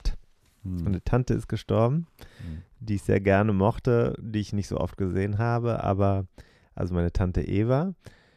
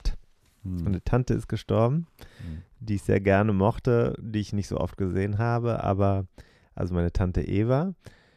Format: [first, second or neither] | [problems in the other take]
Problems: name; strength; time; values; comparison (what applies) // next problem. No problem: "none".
neither | none